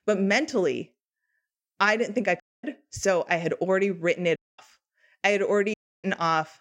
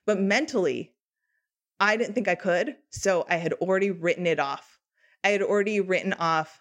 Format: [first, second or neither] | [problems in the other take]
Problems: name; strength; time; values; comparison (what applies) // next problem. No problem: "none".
second | audio cutting out; at 2.5 s, at 4.5 s and at 5.5 s